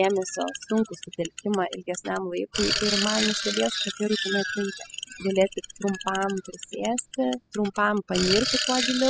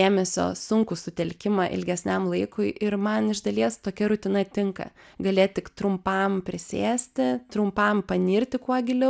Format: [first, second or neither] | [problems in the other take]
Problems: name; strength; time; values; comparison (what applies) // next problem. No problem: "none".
second | noise reduction (classical method spectral subtraction)